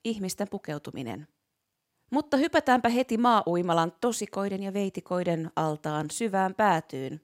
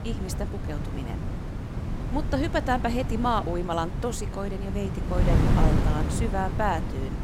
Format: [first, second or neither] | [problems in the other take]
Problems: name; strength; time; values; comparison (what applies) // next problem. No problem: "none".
first | wind noise on the microphone; heavy; 7 dB below the speech